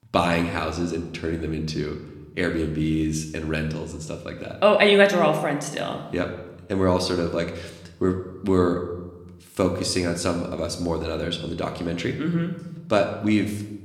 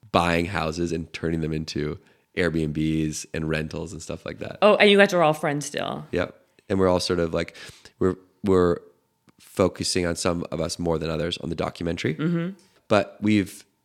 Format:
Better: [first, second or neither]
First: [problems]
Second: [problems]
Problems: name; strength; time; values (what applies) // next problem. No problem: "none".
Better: second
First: room echo; slight; dies away in 0.8 s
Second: none